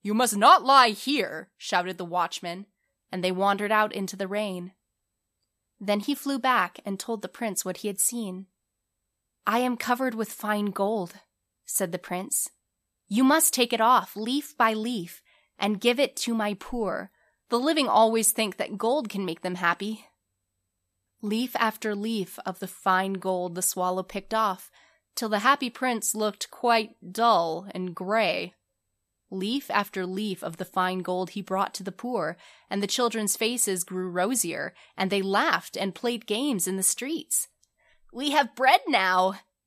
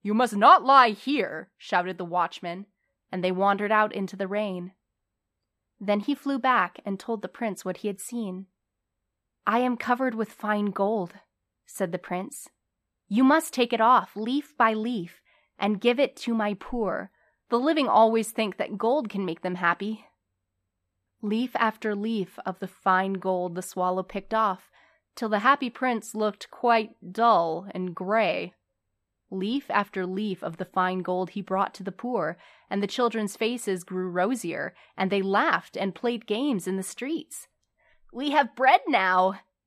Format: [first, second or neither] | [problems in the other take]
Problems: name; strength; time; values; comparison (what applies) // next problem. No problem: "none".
first | muffled; slightly; fading above 4 kHz